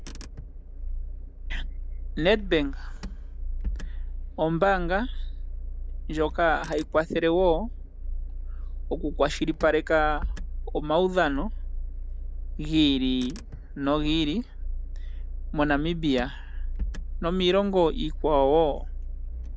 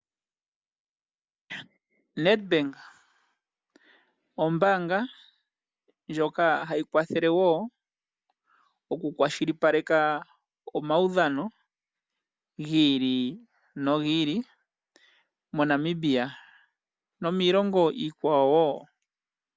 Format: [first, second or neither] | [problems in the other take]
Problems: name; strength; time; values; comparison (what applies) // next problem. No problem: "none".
second | background sound (Engine / Car); 5 dB below the speech